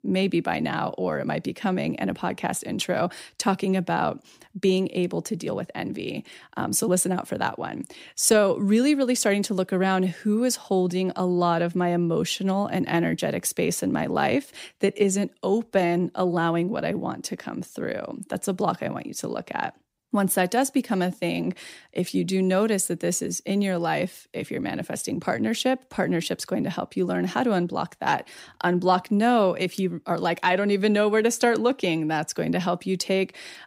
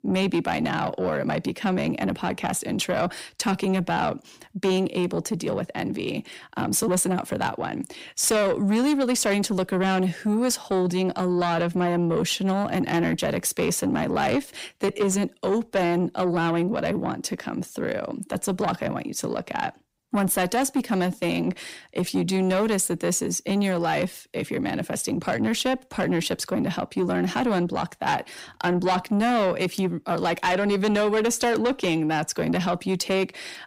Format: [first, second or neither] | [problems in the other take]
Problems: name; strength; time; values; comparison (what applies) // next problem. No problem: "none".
first | distortion; slight; 10 dB below the speech